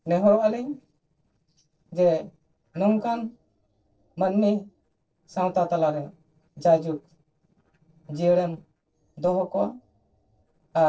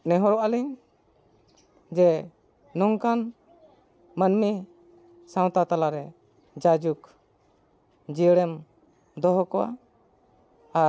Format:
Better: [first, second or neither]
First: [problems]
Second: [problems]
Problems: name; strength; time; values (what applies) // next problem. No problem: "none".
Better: second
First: noise reduction (neural separator model SepFormer DNS4)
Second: none